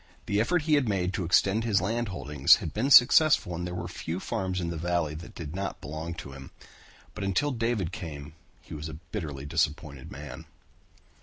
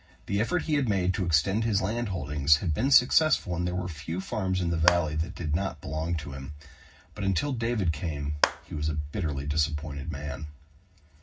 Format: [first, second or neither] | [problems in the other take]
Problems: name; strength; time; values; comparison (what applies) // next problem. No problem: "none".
first | background sound (Clapping); 7 dB below the speech // room echo; dies away in 0.4 s